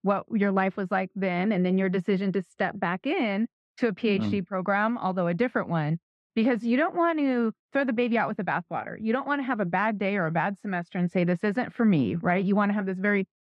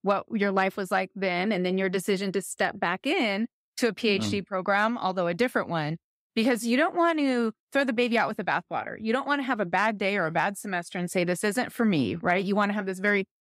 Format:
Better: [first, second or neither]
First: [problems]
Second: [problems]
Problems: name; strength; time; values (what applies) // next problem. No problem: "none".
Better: second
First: muffled; slightly; fading above 2.5 kHz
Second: none